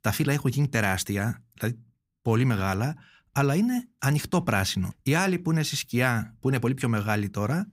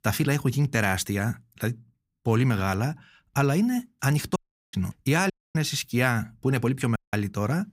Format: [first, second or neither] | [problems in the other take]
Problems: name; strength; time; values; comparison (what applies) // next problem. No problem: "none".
first | audio cutting out; at 4.5 s, at 5.5 s and at 7 s